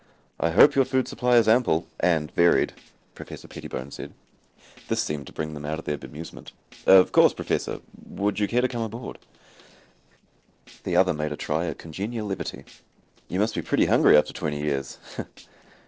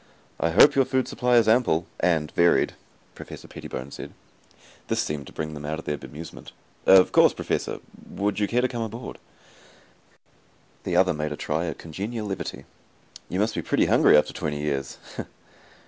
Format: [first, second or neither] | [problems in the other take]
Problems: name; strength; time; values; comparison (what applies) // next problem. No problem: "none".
second | noise reduction (neural separator model SepFormer DNS4)